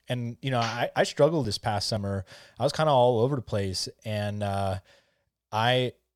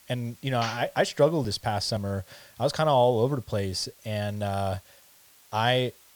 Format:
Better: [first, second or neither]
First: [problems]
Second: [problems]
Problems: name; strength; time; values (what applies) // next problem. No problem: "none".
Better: first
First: none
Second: hiss; faint; throughout; 25 dB below the speech